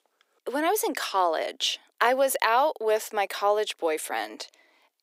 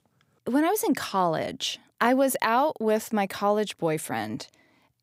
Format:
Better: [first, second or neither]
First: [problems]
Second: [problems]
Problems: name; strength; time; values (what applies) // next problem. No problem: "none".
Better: second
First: thin; somewhat; fading below 350 Hz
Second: none